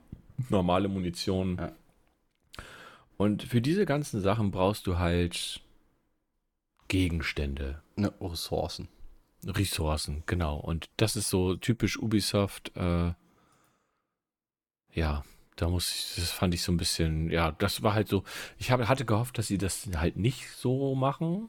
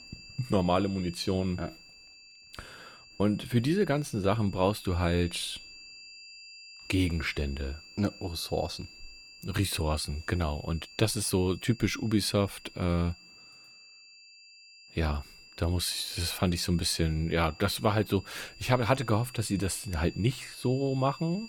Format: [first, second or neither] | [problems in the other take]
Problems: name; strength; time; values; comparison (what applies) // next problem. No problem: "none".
first | high-pitched whine; noticeable; throughout; 4.5 kHz, 20 dB below the speech